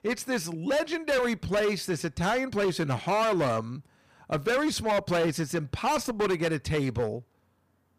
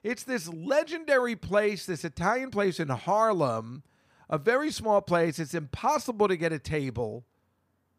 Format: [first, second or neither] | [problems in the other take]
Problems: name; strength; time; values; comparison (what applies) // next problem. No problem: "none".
second | distortion; heavy; 14% of the sound clipped